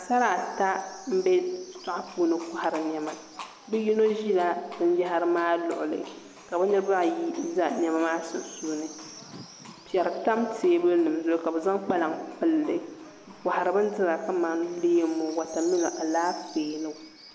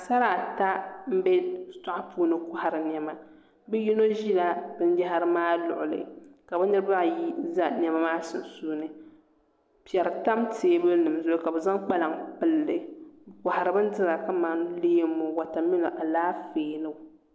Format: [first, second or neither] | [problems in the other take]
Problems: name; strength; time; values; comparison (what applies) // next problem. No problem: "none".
second | background sound (Livestock, farm animals, working animals); 19 dB below the speech